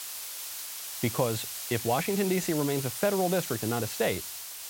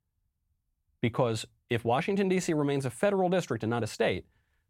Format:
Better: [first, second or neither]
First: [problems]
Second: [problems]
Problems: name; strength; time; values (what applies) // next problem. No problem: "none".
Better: second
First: hiss; loud; throughout; 5 dB below the speech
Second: none